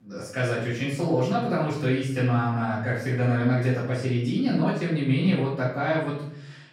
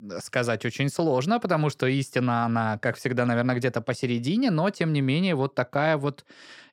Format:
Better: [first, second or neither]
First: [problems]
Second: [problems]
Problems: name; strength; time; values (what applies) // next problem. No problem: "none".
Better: second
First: off-mic speech; far // room echo; noticeable; dies away in 0.7 s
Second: none